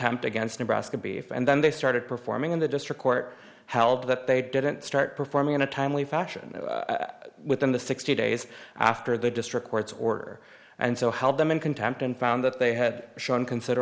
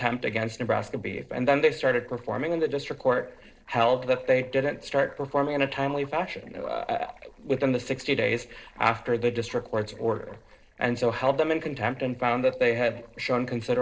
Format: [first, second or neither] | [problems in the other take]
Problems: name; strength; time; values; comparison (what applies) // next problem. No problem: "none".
first | noise reduction (neural separator model SepFormer DNS4)